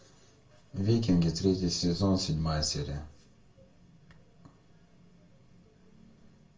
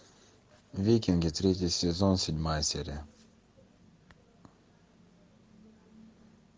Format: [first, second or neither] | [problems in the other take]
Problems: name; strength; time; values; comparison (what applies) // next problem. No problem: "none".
second | room echo; dies away in 0.3 s